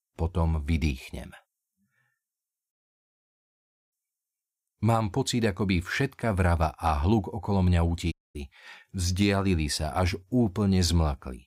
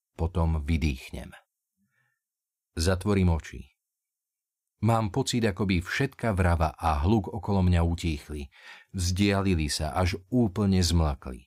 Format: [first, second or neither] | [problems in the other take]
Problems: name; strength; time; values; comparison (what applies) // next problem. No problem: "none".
second | audio cutting out; at 2.5 s for 1 s and at 8 s